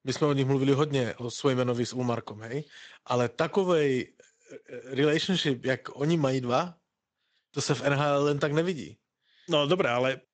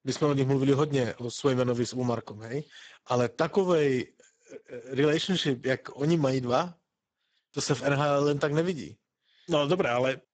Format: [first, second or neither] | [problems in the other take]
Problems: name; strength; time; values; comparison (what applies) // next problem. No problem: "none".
first | garbled, watery; badly; nothing above 8 kHz; slightly in the first